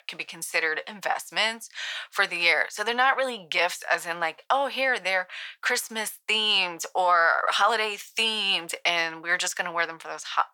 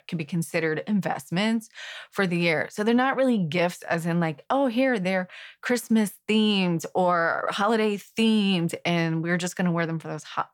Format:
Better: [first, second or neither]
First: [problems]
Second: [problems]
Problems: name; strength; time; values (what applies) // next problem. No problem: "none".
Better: second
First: thin; very; fading below 900 Hz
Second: none